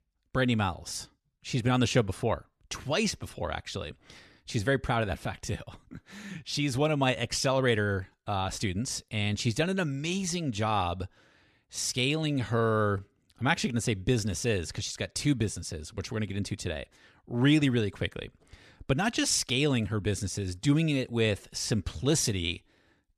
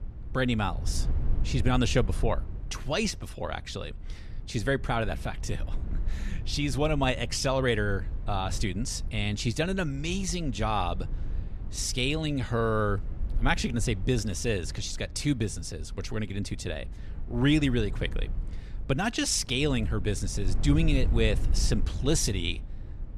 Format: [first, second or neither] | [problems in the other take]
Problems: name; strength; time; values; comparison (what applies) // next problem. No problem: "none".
first | low rumble; faint; throughout; 20 dB below the speech